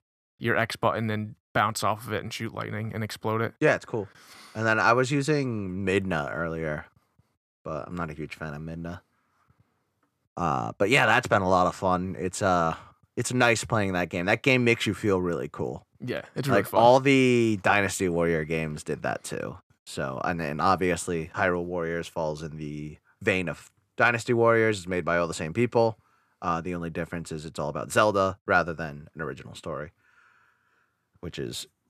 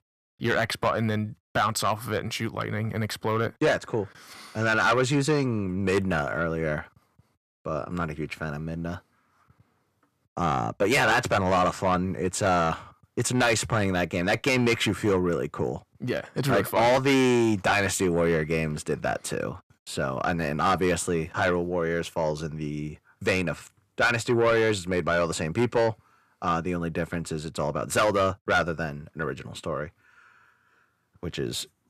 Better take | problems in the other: first | distortion; heavy; 8 dB below the speech

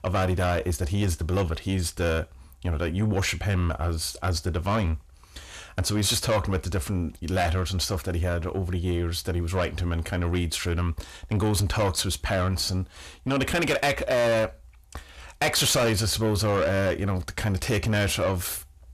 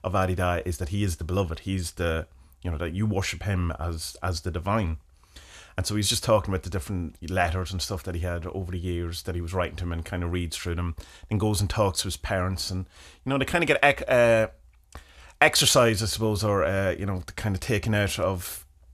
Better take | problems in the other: second | distortion; heavy; 7 dB below the speech

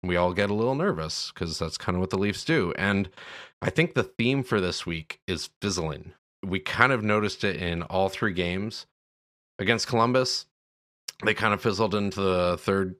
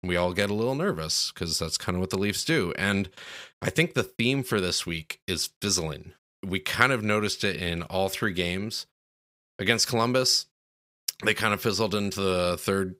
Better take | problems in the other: second | muffled; very slightly; fading above 2.5 kHz

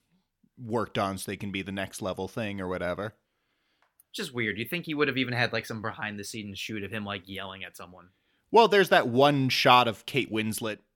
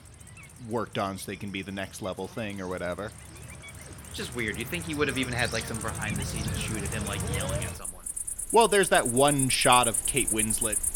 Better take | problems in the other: first | animal sounds; loud; throughout; 2 dB below the speech

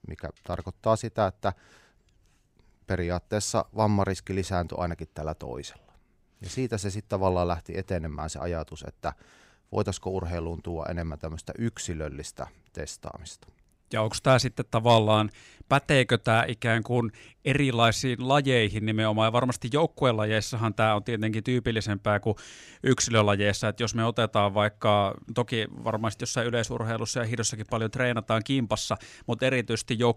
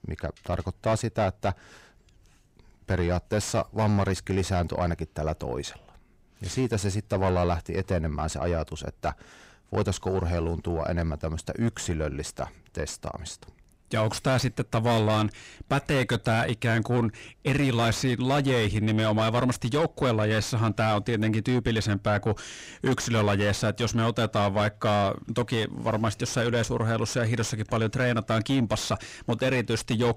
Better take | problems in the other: first | distortion; heavy; 6 dB below the speech

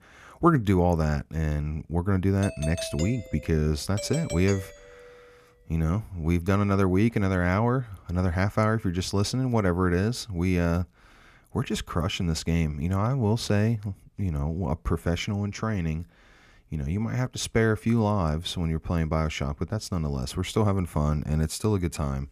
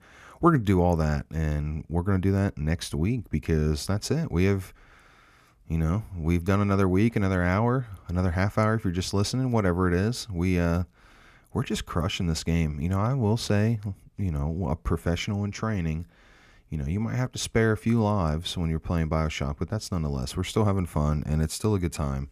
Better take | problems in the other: second | doorbell; noticeable; from 2.5 to 5 s; peak 9 dB below the speech

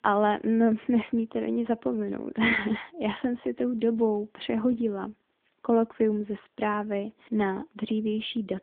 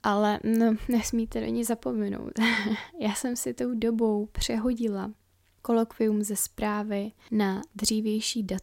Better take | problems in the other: second | phone-call audio

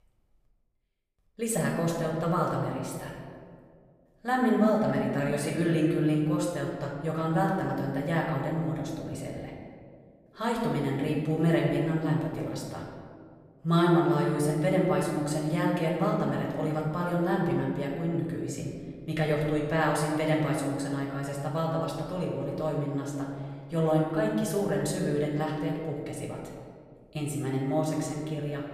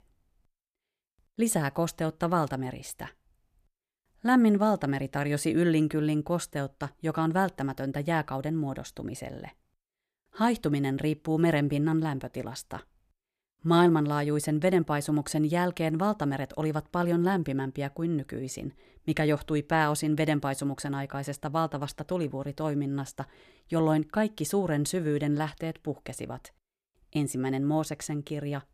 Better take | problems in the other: second | off-mic speech; far // room echo; noticeable; dies away in 1.6 s

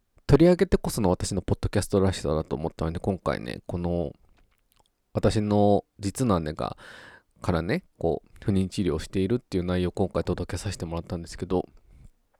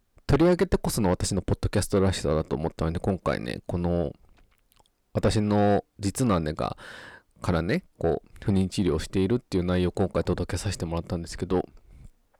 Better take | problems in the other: first | distortion; slight; 10 dB below the speech

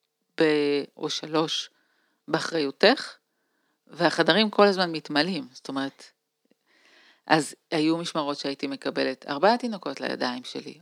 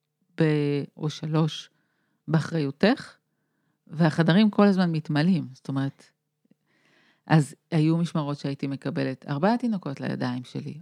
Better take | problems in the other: second | thin; somewhat; fading below 350 Hz

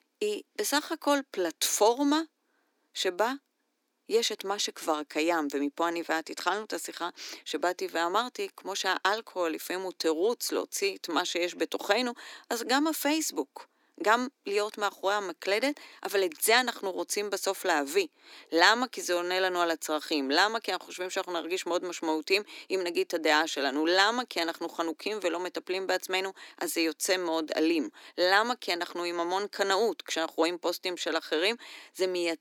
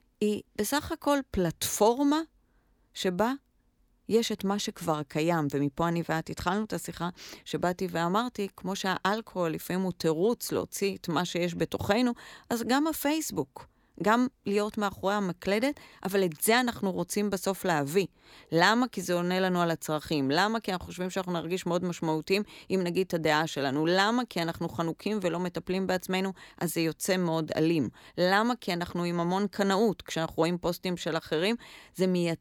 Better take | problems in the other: second | thin; somewhat; fading below 300 Hz

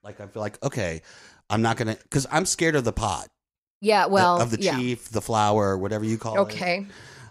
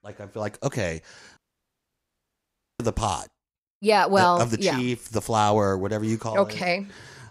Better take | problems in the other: first | audio cutting out; at 1.5 s for 1.5 s

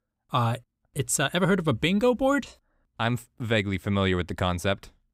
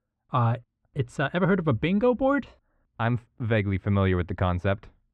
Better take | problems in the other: first | muffled; very; fading above 2 kHz

